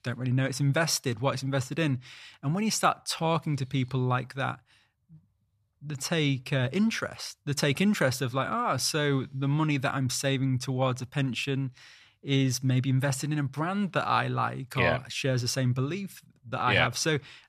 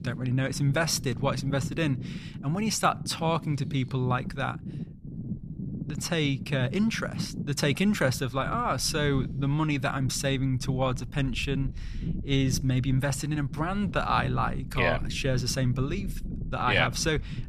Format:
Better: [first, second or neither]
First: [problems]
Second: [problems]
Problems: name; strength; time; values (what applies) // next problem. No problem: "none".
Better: first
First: none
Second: low rumble; noticeable; throughout; 15 dB below the speech